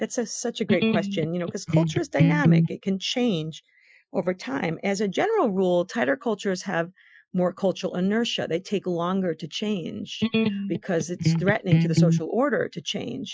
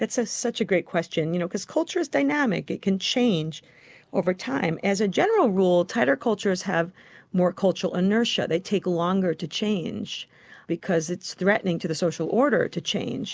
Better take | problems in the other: second | noise reduction (classical method Wiener filter)

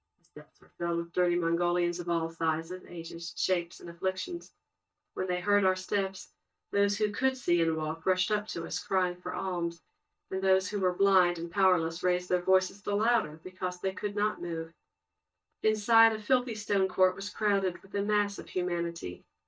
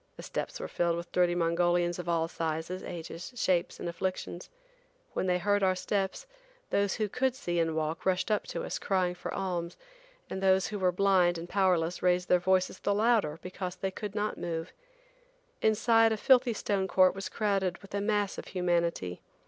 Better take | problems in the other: second | noise reduction (neural mask model DeepFilterNet 3)

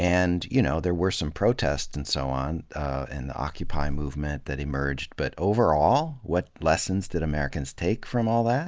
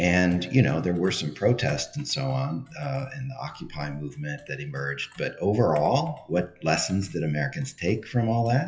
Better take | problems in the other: first | noise reduction (classical method WPE with log-MMSE)

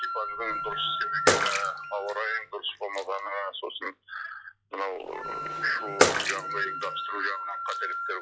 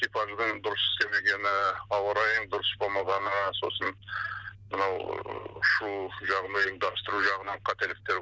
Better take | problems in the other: second | noise reduction (classical method log-MMSE)

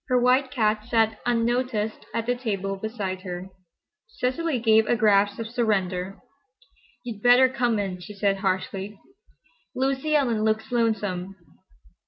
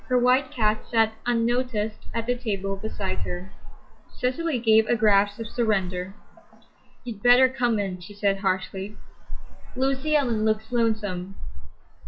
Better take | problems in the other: first | noise reduction (classical method log-MMSE)

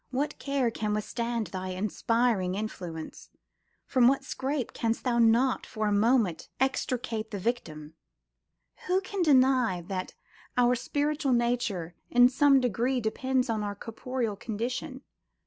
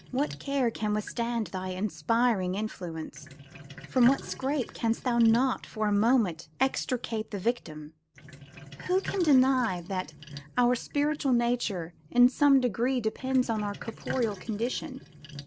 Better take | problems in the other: first | background sound (Sink (filling or washing)); 17 dB below the speech

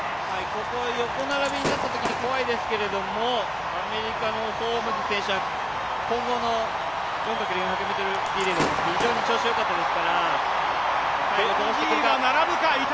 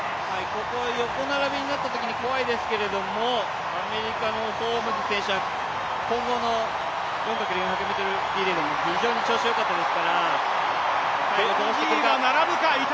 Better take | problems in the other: second | background sound (Gunshot, gunfire / Fireworks); 14 dB below the speech

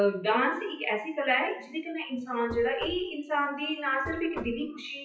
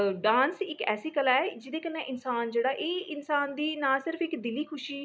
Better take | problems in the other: second | noise reduction (classical method WPE with log-MMSE)

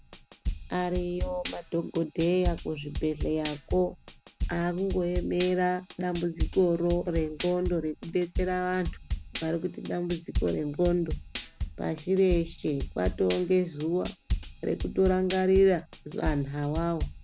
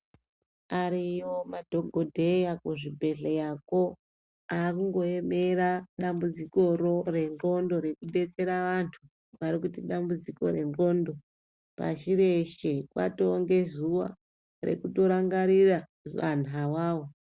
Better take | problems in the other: second | background sound (Drum kit); 7 dB below the speech

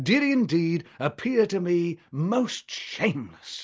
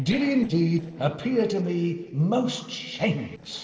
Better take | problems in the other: first | noise reduction (neural separator model SepFormer DNS4)

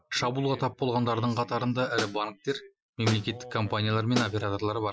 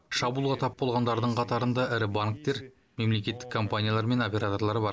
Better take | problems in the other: second | noise reduction (classical method Wiener filter)

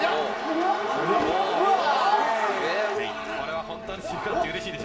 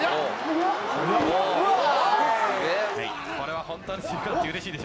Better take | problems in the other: second | background sound (Wind instrument, woodwind instrument); 13 dB below the speech // room echo; dies away in 2 s

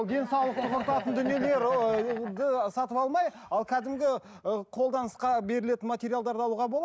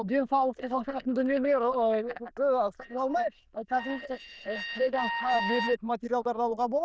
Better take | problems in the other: first | noise reduction (neural diffusion model UNIVERSE++)

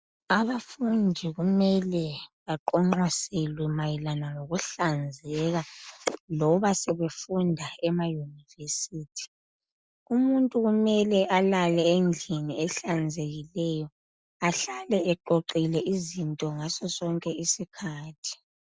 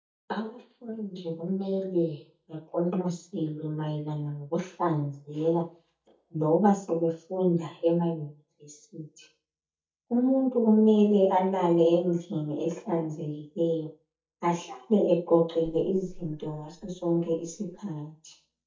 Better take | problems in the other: first | noise reduction (neural mask model DeepFilterNet 3)

